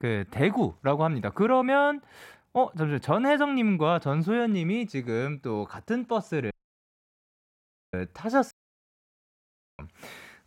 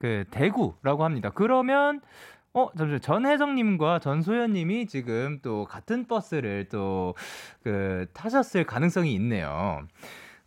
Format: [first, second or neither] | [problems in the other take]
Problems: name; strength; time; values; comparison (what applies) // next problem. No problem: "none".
second | audio cutting out; at 6.5 s for 1.5 s and at 8.5 s for 1.5 s